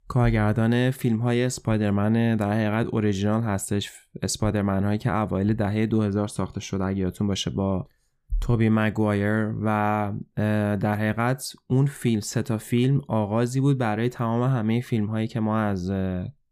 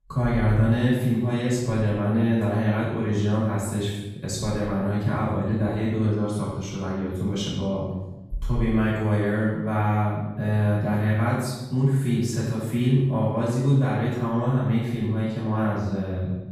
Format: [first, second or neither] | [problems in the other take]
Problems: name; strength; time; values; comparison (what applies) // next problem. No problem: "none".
first | off-mic speech; far // room echo; strong; dies away in 0.9 s